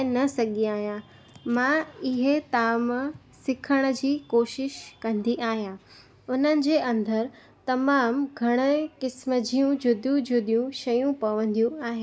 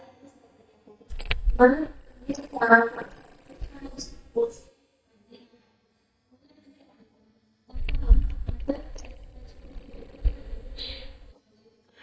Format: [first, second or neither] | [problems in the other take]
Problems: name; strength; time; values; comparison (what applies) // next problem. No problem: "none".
first | noise reduction (neural mask model DeepFilterNet 3)